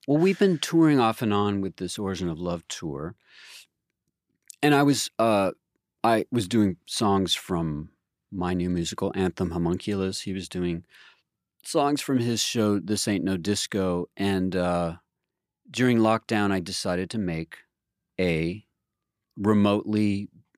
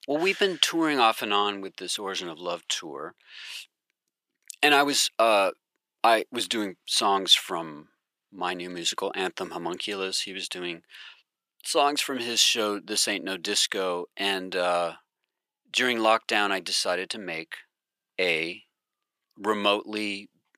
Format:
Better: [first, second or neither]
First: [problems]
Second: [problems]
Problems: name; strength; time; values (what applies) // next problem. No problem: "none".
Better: first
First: none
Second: thin; somewhat; fading below 550 Hz